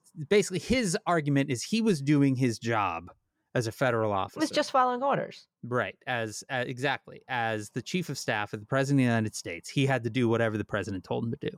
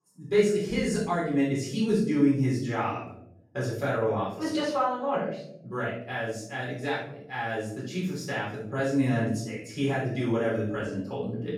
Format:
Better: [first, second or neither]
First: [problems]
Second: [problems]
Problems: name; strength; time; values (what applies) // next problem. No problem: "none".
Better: first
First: none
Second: off-mic speech; far // room echo; noticeable; dies away in 0.7 s